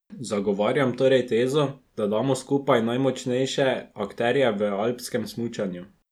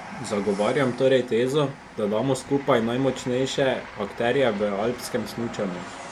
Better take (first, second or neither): first